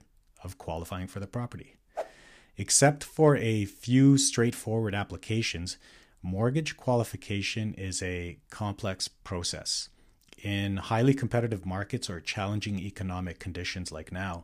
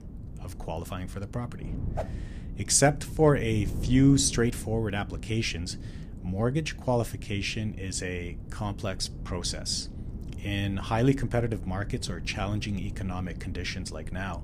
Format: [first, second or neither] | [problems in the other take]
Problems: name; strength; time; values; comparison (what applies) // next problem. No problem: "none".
first | wind noise on the microphone; occasional gusts; 20 dB below the speech